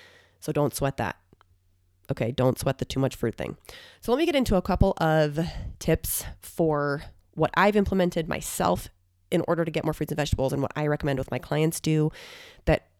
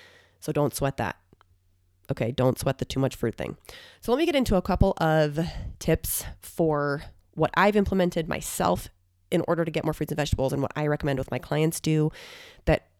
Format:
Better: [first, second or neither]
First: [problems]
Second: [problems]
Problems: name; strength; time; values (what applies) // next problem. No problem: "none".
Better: neither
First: none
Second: none